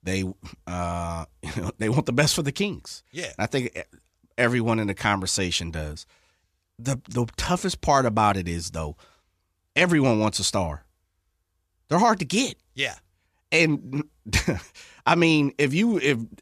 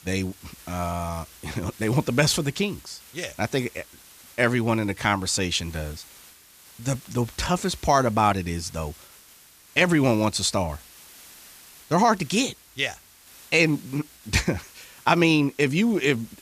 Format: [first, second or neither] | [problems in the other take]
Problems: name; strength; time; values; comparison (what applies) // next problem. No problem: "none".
first | hiss; faint; throughout; 25 dB below the speech